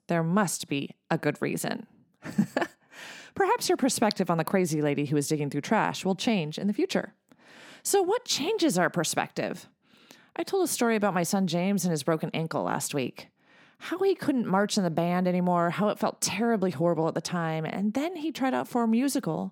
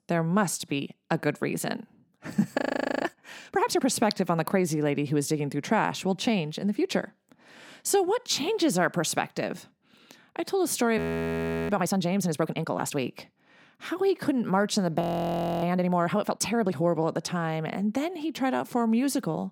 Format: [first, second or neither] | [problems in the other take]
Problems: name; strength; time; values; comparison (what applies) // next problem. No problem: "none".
first | audio freezing; at 2.5 s, at 11 s for 0.5 s and at 15 s for 0.5 s